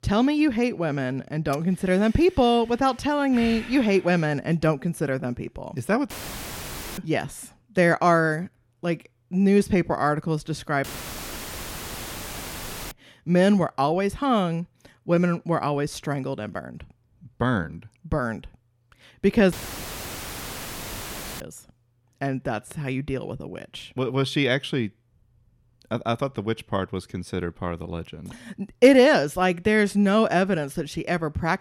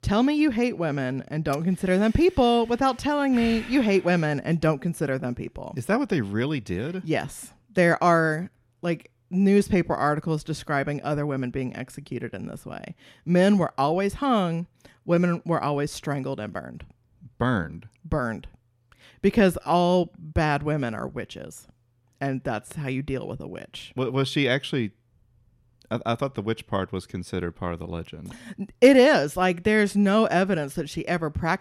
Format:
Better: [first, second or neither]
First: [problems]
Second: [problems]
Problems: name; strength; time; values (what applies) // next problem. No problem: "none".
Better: second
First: audio cutting out; filled with static; at 6 s for 1 s, at 11 s for 2 s and at 20 s for 2 s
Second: none